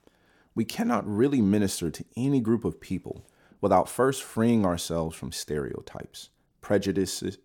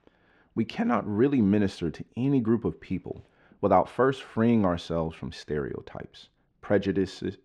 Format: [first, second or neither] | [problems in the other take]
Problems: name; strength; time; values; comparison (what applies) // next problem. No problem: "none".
first | muffled; slightly; fading above 2.5 kHz